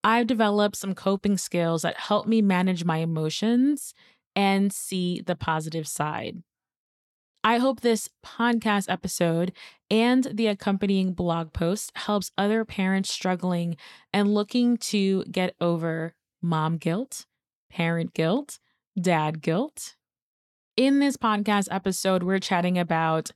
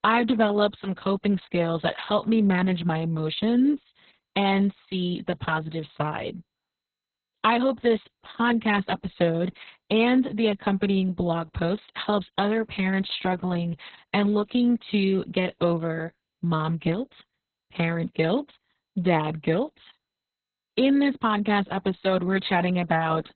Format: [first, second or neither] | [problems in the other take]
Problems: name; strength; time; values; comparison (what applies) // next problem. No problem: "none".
first | garbled, watery; badly; nothing above 4 kHz